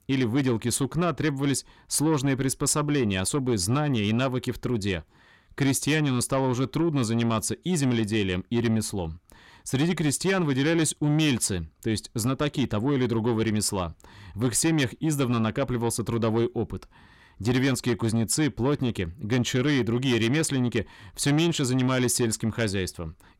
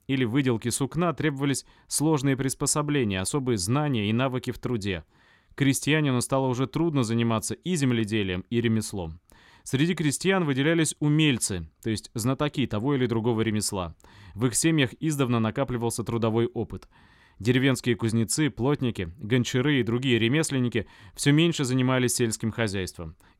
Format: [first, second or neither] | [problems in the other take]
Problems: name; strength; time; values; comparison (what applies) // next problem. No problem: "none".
second | distortion; slight; 10 dB below the speech